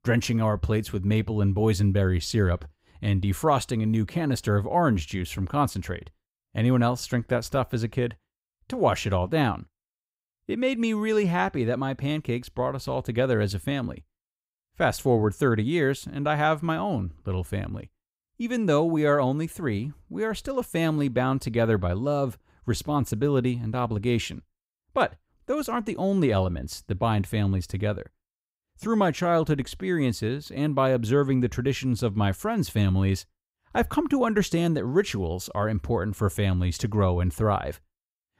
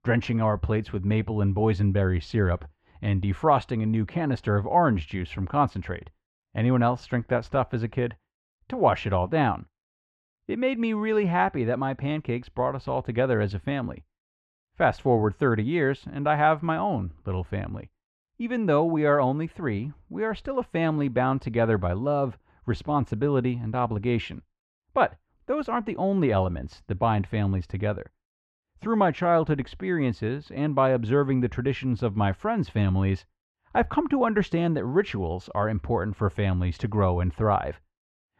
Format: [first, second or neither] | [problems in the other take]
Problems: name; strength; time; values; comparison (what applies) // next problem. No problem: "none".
first | muffled; very; fading above 2.5 kHz